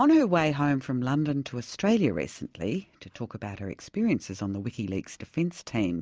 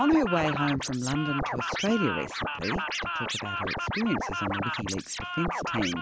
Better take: first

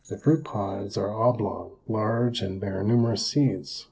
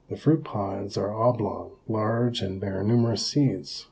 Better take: second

